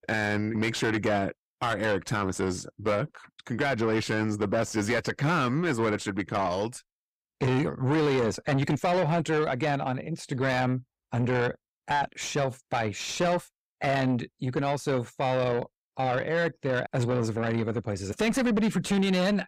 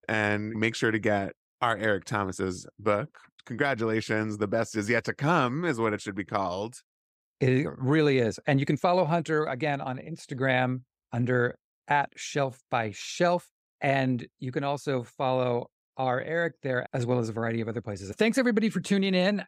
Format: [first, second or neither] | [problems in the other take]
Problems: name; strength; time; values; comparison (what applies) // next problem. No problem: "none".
second | distortion; heavy; 8 dB below the speech